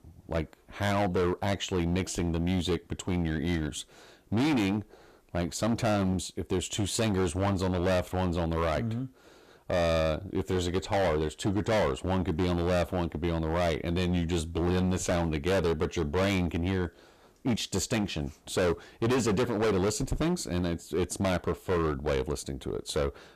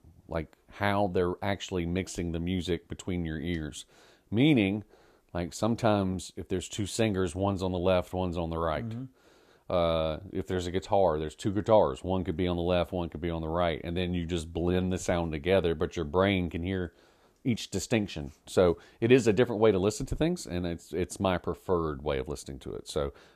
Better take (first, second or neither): second